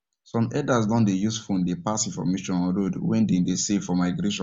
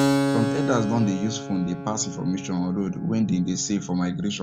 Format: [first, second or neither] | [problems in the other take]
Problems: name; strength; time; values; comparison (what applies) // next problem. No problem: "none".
first | background sound (Keyboard (musical)); 3 dB below the speech